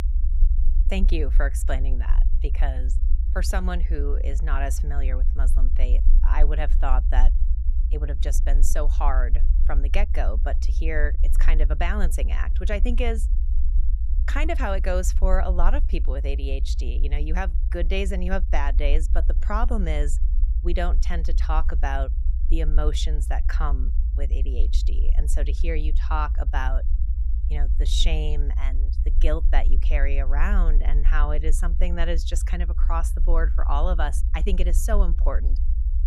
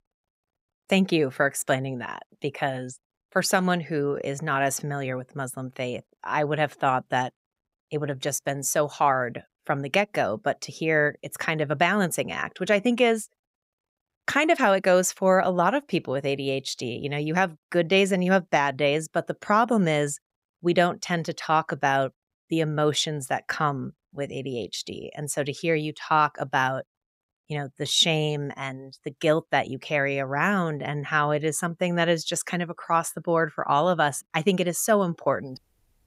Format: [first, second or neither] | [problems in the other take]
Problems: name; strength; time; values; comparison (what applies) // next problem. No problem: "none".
second | low rumble; noticeable; throughout; 15 dB below the speech